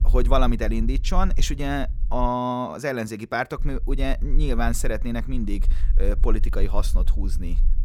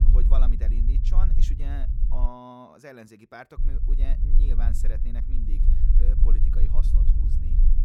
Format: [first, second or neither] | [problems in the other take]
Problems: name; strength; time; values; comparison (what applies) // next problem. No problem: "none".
first | low rumble; loud; until 2.5 s and from 3.5 s on; 4 dB below the speech; faint in the first